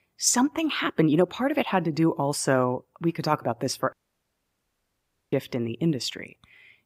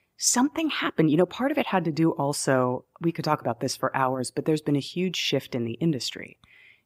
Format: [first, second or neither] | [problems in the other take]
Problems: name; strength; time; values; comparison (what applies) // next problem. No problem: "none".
second | audio cutting out; at 4 s for 1.5 s